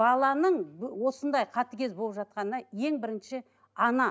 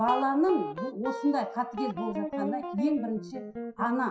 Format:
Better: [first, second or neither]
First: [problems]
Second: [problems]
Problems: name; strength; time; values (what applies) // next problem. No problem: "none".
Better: first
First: none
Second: noise reduction (classical method WPE with log-MMSE)